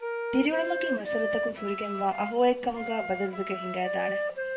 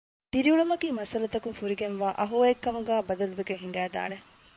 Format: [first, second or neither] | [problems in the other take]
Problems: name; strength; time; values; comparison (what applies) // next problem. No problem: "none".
second | background sound (Wind instrument, woodwind instrument); 3 dB below the speech // room echo; dies away in 0.9 s